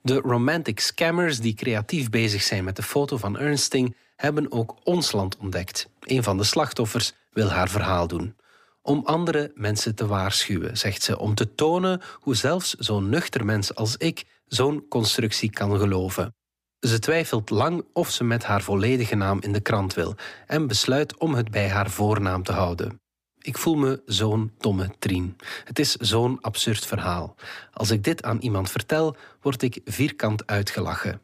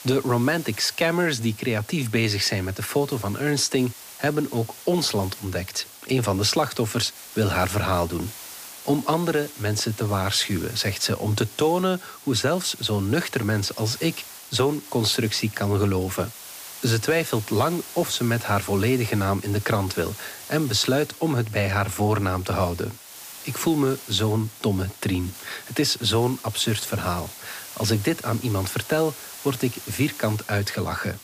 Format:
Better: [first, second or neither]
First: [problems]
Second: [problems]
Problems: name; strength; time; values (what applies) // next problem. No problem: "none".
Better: first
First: none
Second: hiss; noticeable; throughout; 15 dB below the speech